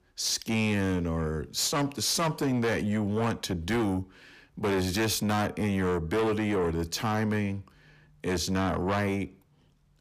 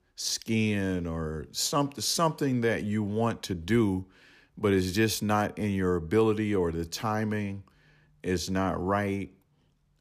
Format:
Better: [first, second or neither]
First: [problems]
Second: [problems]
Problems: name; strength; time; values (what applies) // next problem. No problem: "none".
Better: second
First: distortion; heavy; 8 dB below the speech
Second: none